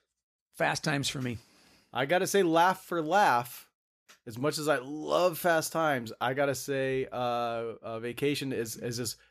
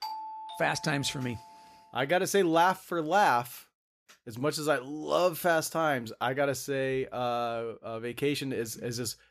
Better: first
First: none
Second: doorbell; noticeable; until 1.5 s; peak 9 dB below the speech

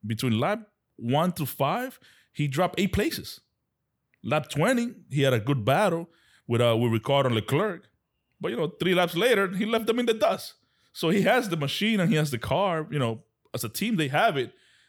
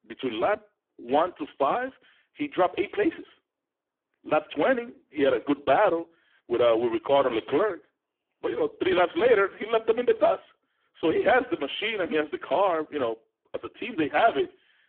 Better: first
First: none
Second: phone-call audio; poor line

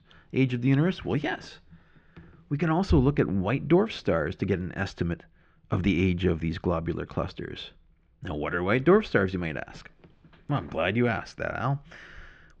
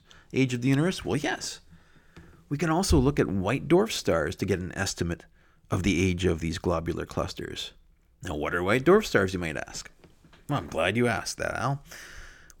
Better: second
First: muffled; slightly; fading above 3.5 kHz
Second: none

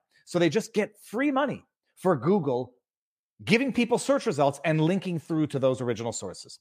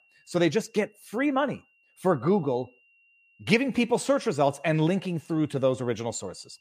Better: first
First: none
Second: high-pitched whine; faint; throughout; 3 kHz, 35 dB below the speech

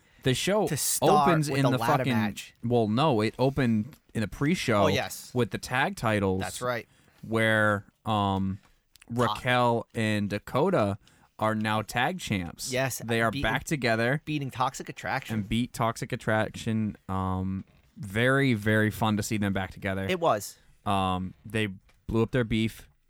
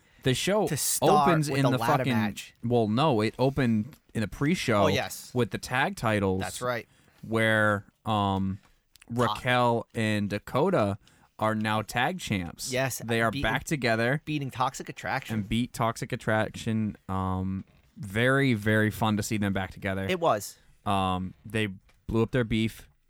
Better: neither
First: none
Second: none

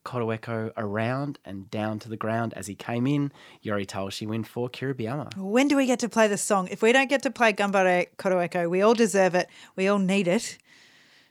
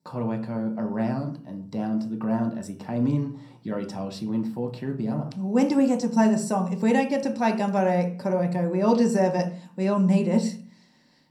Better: first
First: none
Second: room echo; slight; dies away in 0.5 s // off-mic speech; somewhat distant

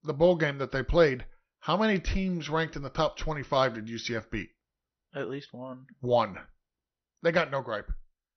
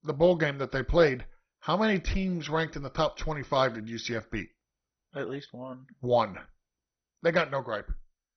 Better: first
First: garbled, watery; slightly; nothing above 6 kHz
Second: garbled, watery; badly; nothing above 6 kHz

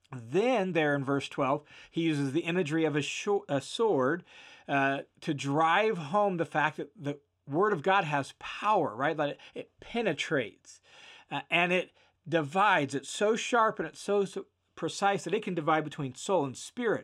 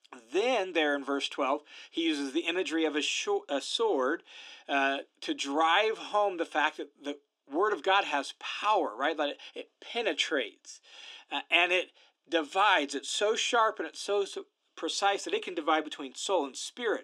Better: first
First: none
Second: thin; very slightly; fading below 300 Hz

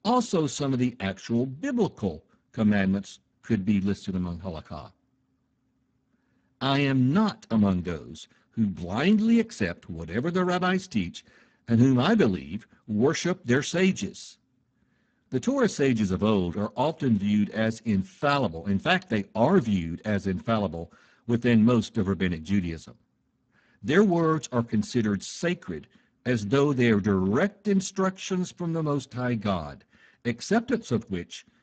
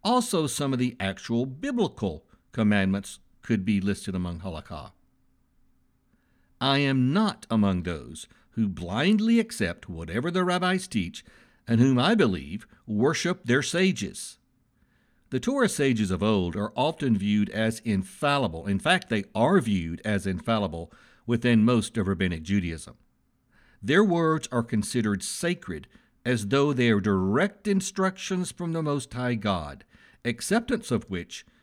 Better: second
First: garbled, watery; badly; nothing above 7.5 kHz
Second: none

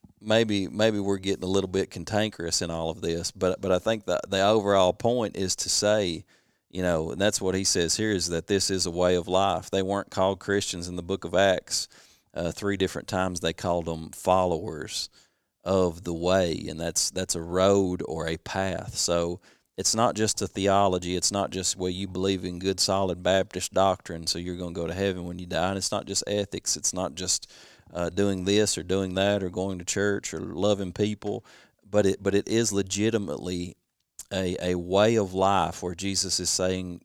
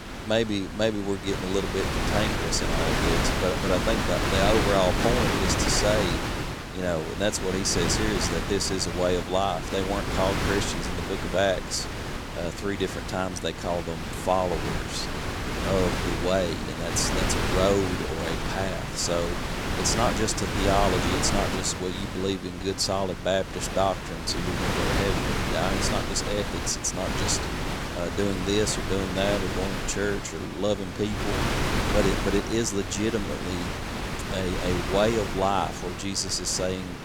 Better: first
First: none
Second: wind noise on the microphone; heavy; 2 dB below the speech

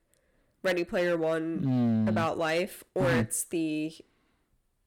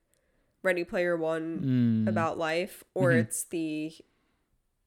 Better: second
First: distortion; slight; 8% of the sound clipped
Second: none

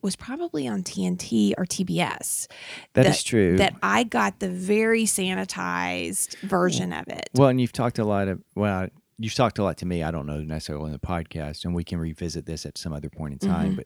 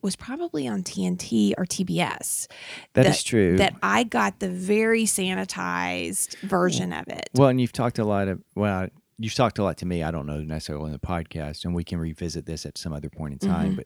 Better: neither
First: none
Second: none

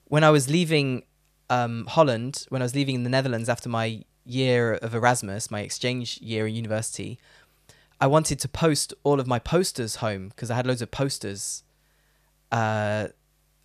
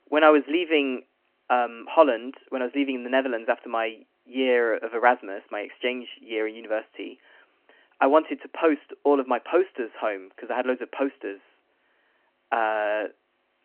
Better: first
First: none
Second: phone-call audio; nothing above 3 kHz

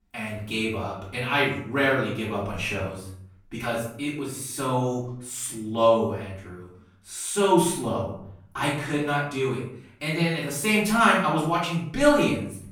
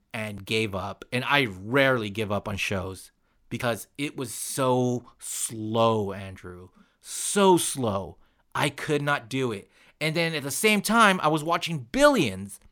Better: second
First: off-mic speech; far // room echo; noticeable; dies away in 0.5 s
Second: none

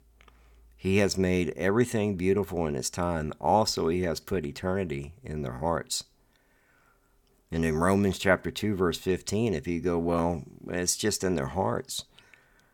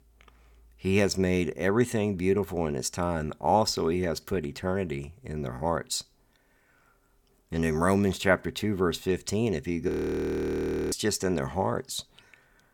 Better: first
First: none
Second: audio freezing; at 10 s for 1 s

